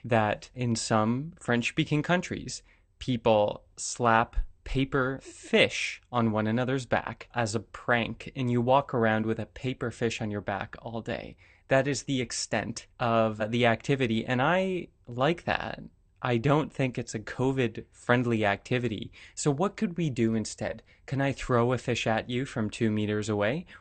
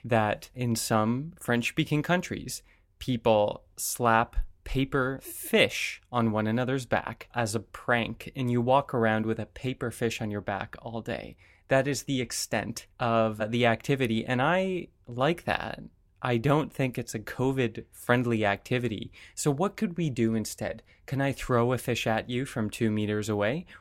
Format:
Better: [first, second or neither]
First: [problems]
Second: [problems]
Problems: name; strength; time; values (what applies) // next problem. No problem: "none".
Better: second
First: garbled, watery; slightly; nothing above 8.5 kHz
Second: none